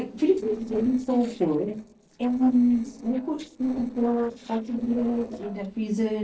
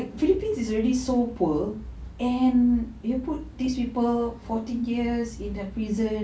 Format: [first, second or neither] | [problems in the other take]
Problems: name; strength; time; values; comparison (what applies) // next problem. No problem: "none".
second | noise reduction (neural separator model SepFormer DNS4)